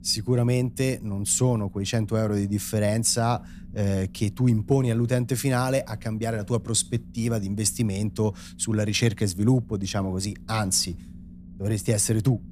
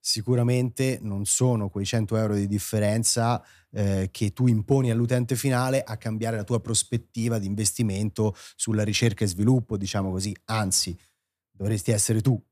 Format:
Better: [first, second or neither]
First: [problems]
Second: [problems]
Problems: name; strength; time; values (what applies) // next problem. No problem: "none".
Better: second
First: low rumble; faint; throughout; 25 dB below the speech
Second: none